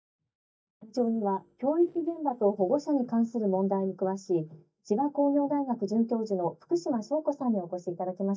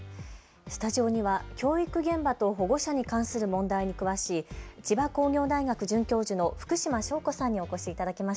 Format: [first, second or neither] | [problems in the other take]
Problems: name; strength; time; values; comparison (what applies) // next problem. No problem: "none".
second | noise reduction (neural mask model DeepFilterNet 3)